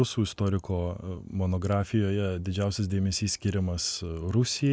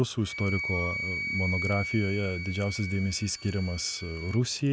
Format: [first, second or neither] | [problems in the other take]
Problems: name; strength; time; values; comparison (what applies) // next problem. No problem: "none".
first | background sound (Wind instrument, woodwind instrument); 7 dB below the speech